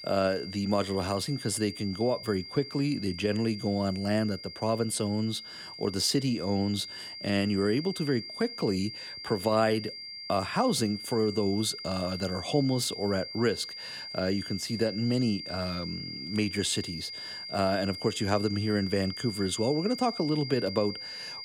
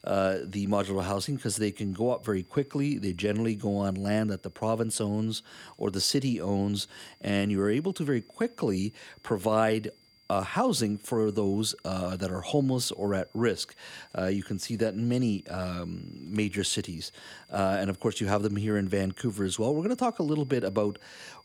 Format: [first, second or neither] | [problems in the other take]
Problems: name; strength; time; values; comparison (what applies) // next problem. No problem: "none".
second | high-pitched whine; loud; throughout; 5 kHz, 9 dB below the speech; faint in the second